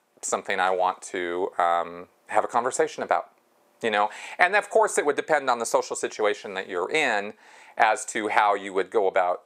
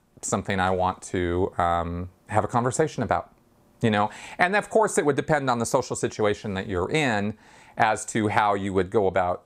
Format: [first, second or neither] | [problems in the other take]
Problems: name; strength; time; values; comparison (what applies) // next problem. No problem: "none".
second | thin; somewhat; fading below 500 Hz